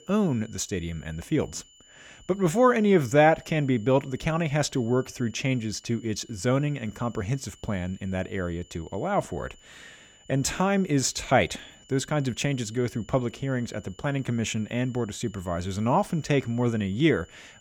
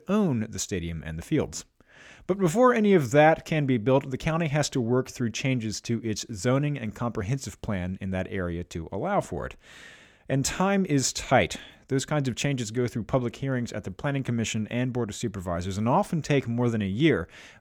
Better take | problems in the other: second | high-pitched whine; faint; throughout; 3 kHz, 25 dB below the speech

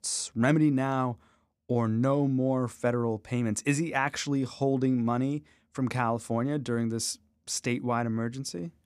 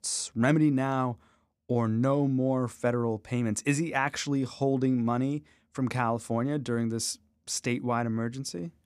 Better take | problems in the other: neither | none

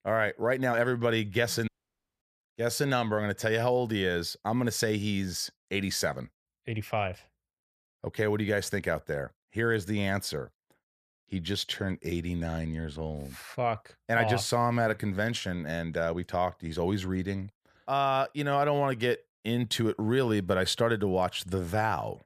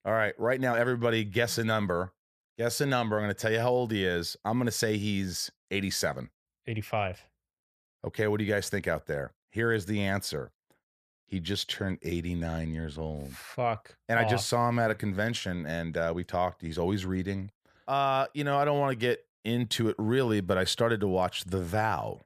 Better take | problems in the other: second | audio cutting out; at 1.5 s for 0.5 s

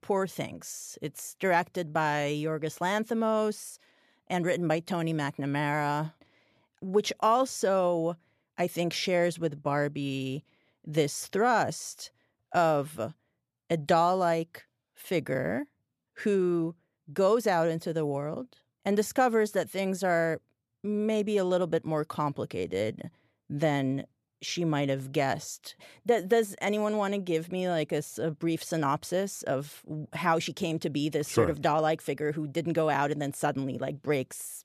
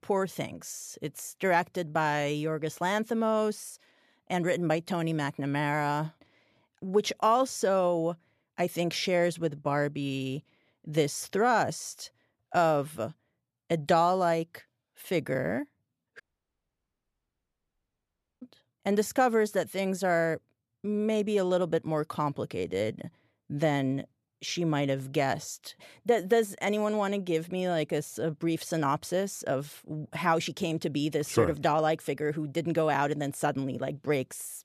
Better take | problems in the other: first | audio cutting out; at 16 s for 2 s

